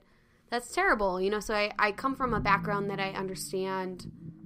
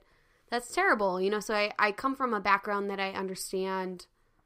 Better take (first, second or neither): second